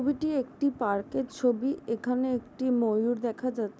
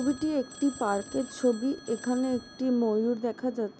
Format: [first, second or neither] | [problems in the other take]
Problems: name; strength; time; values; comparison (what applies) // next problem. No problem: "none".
first | background sound (Telephone); 19 dB below the speech